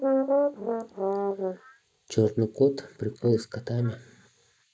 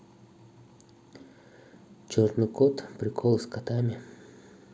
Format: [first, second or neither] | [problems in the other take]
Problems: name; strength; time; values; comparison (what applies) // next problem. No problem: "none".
second | noise reduction (neural mask model Resemble Enhance denoiser)